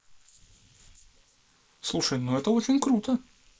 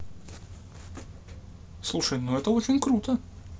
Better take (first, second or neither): second